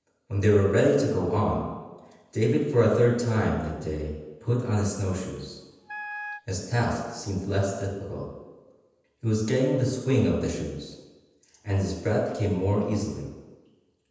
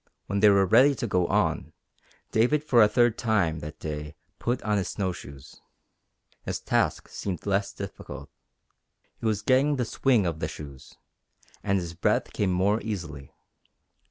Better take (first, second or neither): second